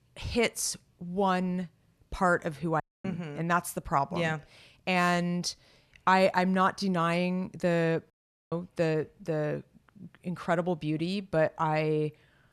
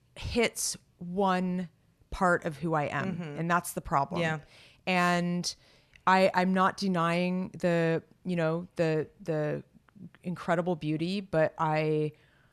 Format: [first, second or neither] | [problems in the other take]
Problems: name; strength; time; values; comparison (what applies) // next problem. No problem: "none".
second | audio cutting out; at 3 s and at 8 s